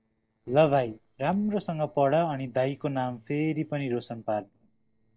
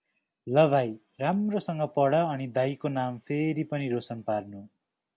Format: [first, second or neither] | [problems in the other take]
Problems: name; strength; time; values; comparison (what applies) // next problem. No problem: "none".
second | noise reduction (neural separator model SepFormer DNS4)